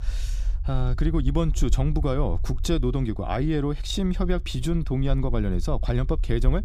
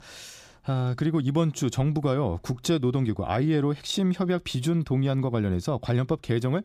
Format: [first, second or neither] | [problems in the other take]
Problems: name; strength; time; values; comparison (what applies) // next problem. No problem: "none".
second | low rumble; faint; throughout; 25 dB below the speech